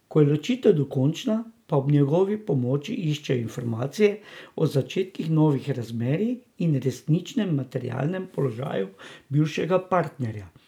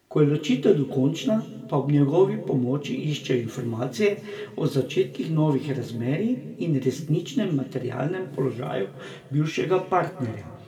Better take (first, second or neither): first